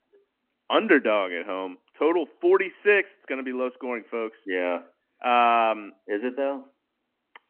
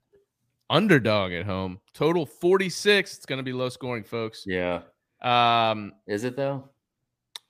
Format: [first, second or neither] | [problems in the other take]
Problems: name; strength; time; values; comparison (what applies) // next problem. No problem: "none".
second | phone-call audio; nothing above 3 kHz